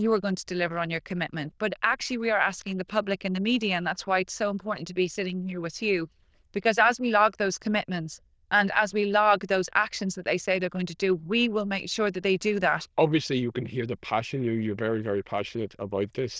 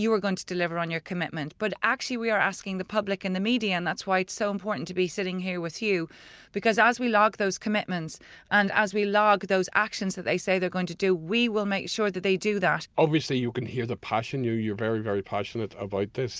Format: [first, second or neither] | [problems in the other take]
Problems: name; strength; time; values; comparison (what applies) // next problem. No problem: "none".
second | noise reduction (neural diffusion model UNIVERSE++)